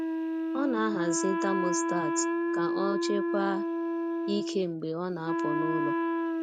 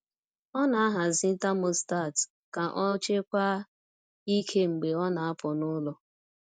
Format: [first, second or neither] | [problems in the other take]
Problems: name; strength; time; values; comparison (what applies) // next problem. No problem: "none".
second | background sound (Wind instrument, woodwind instrument); 3 dB above the speech